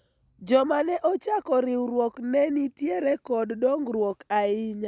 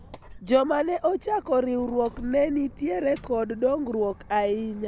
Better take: first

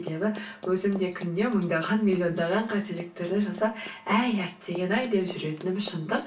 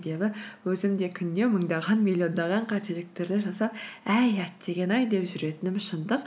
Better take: second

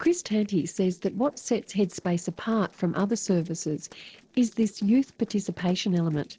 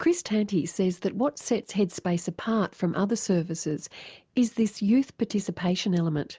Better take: second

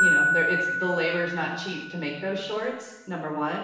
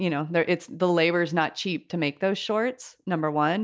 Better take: second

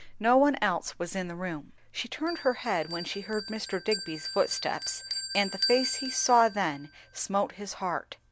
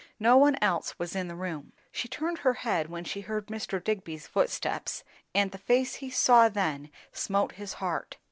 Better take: second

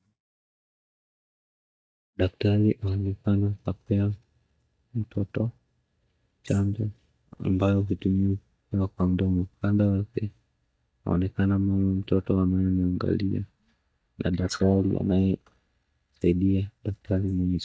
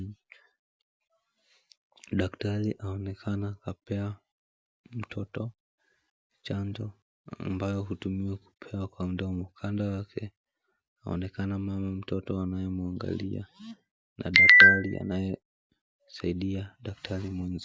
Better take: second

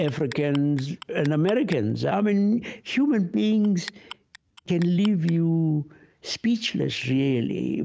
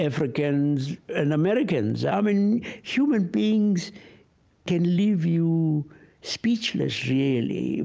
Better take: second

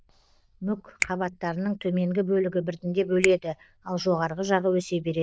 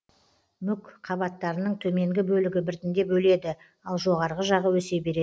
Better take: second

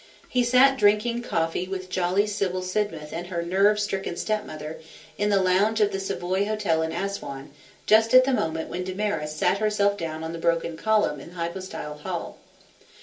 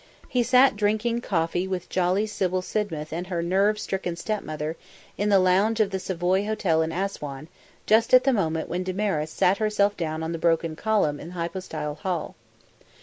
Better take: second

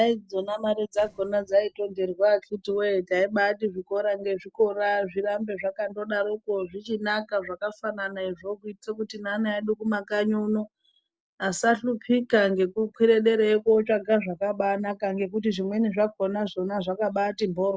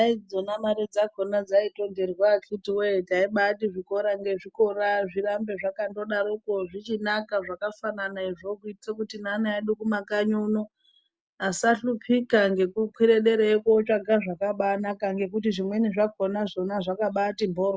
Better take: second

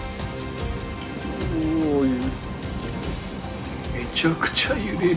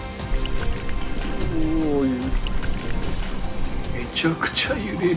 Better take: first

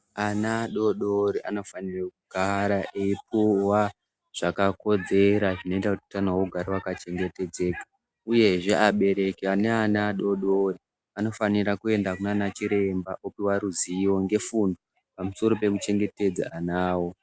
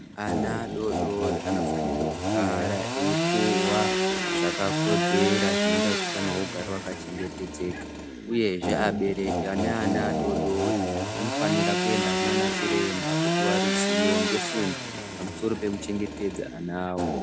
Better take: first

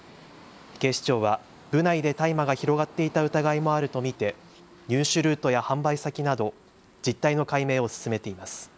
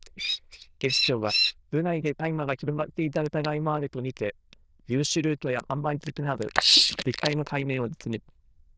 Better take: first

